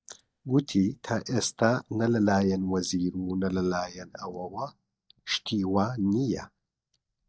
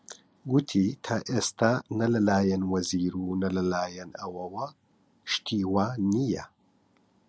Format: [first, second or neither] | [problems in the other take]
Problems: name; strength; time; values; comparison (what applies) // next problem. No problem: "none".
second | noise reduction (neural mask model DeepFilterNet 3)